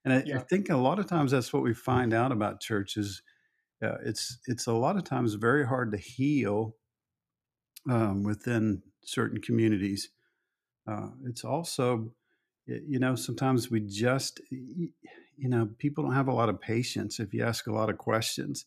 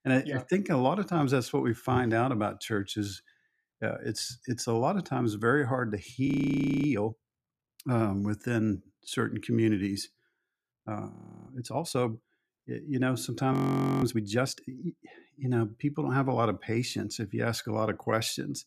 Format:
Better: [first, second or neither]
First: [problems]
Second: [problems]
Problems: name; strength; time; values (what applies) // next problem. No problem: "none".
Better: first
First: none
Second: audio freezing; at 6.5 s for 0.5 s, at 11 s and at 14 s